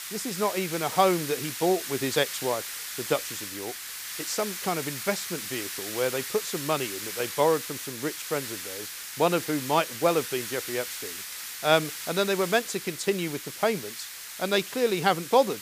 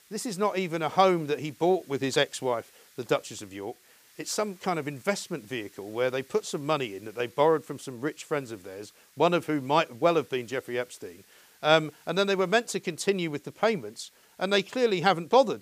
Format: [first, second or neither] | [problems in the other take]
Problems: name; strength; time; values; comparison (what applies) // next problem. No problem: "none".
second | hiss; loud; throughout; 6 dB below the speech; faint in the second